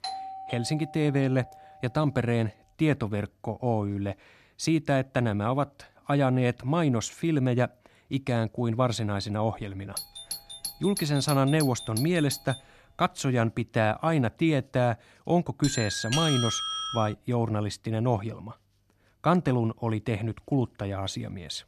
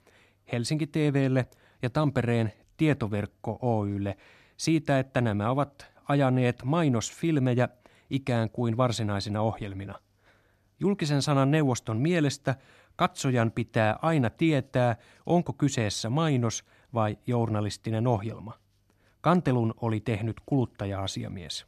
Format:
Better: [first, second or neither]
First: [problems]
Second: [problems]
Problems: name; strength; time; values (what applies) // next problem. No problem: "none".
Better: second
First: doorbell; noticeable; until 1.5 s and from 10 to 13 s; peak 6 dB below the speech // doorbell; loud; from 16 to 17 s; peak 1 dB above the speech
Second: none